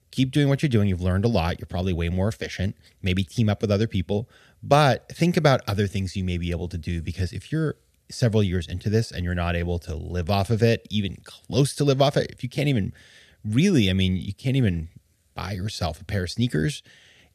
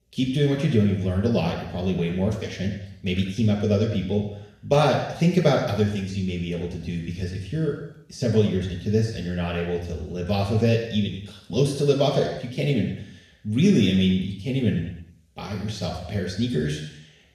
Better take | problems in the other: first | room echo; noticeable; dies away in 0.8 s // off-mic speech; far

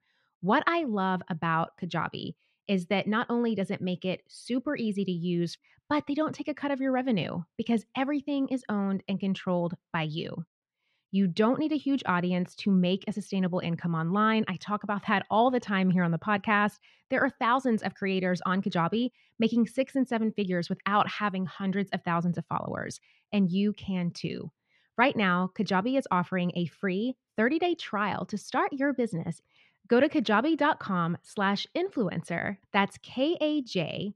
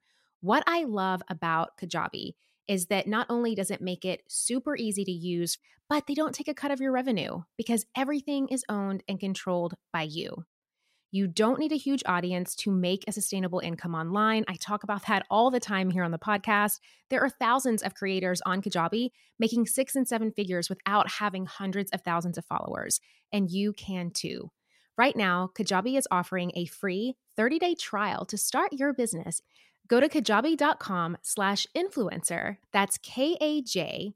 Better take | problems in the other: second | muffled; slightly; fading above 3 kHz

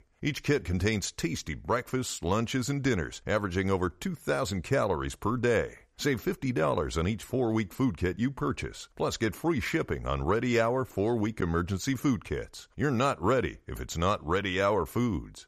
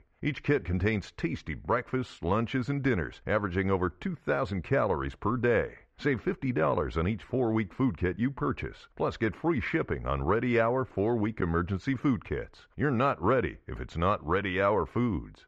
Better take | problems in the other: first | muffled; very; fading above 2 kHz

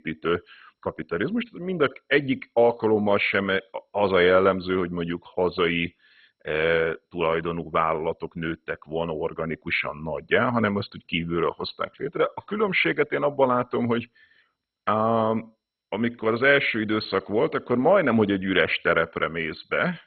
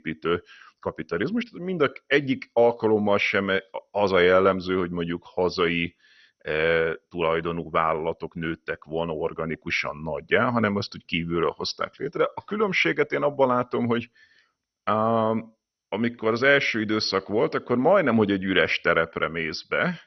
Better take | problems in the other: second | garbled, watery; badly; nothing above 4 kHz; slightly in the second

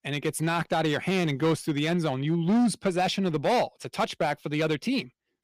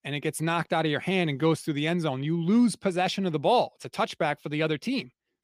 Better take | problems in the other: second | distortion; slight; 7% of the sound clipped

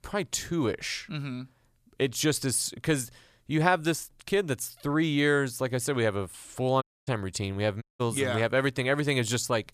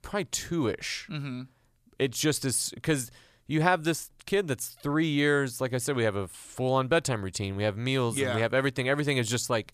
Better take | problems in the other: second | audio cutting out; at 7 s and at 8 s

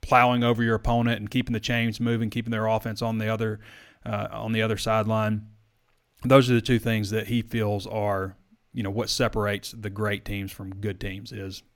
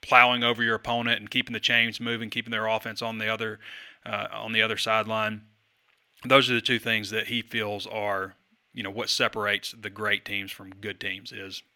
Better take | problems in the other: first | thin; somewhat; fading below 350 Hz

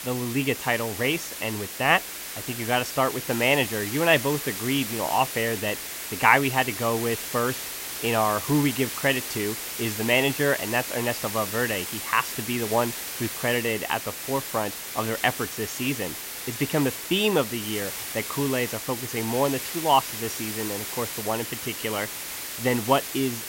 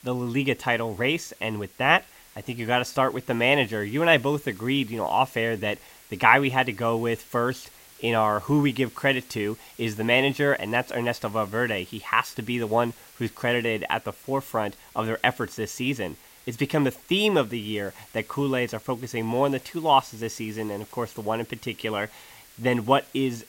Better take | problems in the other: second | hiss; loud; throughout; 6 dB below the speech; faint in the second

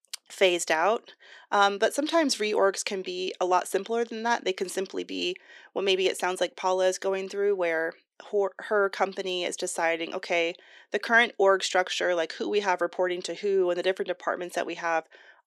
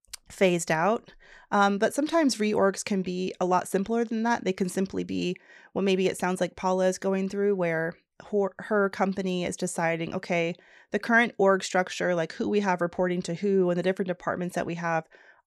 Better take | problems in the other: second | thin; somewhat; fading below 300 Hz

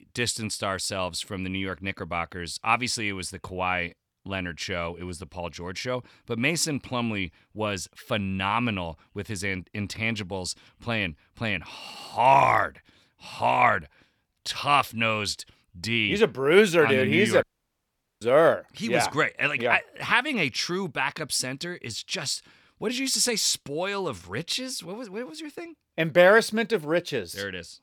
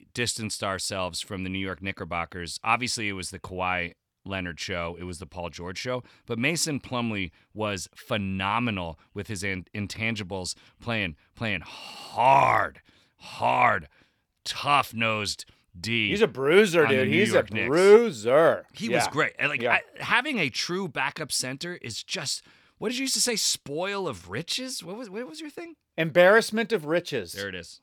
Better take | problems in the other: second | audio cutting out; at 17 s for 1 s

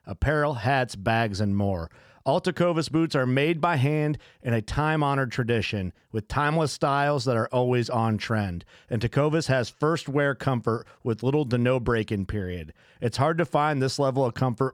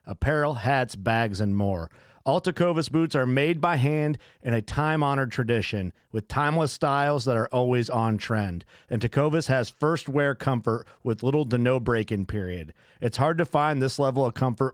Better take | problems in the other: first | garbled, watery; slightly

